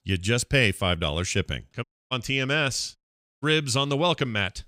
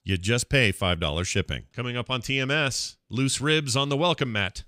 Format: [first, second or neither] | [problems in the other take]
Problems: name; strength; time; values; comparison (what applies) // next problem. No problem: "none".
second | audio cutting out; at 2 s and at 3 s